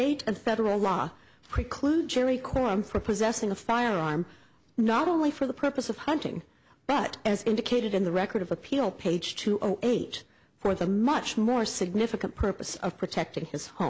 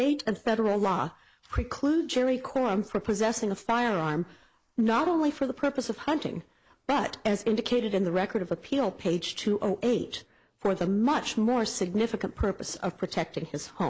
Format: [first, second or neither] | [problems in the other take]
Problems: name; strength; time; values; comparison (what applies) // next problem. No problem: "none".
first | noise reduction (neural mask model Resemble Enhance denoiser)